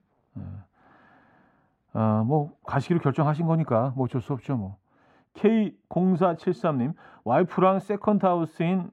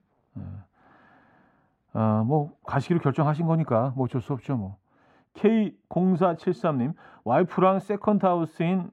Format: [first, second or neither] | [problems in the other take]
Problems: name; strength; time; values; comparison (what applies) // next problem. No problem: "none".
neither | muffled; very; fading above 3 kHz; the same in both